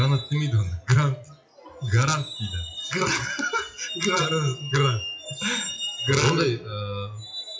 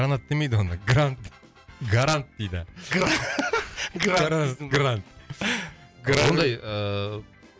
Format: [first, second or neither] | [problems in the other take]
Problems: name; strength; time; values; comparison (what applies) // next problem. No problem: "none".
second | noise reduction (classical method WPE with log-MMSE)